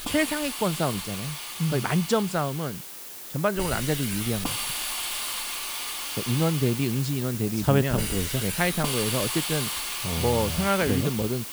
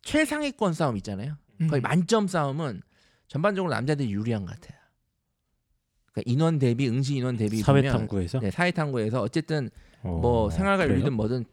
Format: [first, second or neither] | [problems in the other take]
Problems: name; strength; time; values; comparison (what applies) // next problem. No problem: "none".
second | hiss; loud; throughout; 3 dB below the speech